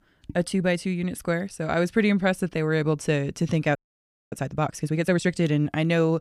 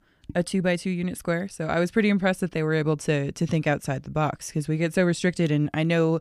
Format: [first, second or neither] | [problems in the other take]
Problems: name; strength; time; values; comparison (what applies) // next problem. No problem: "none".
second | audio freezing; at 4 s for 0.5 s